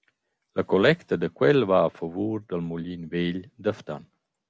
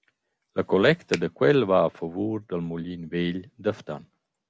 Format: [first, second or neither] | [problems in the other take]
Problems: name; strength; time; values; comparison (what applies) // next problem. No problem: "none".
first | background sound (Finger snapping); 11 dB below the speech